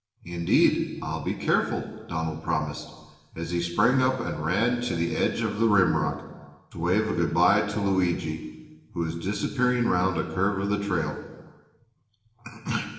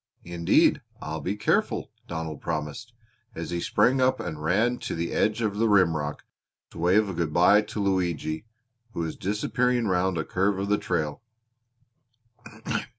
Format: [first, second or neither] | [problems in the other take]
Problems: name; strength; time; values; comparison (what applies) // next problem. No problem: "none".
second | room echo; dies away in 1.3 s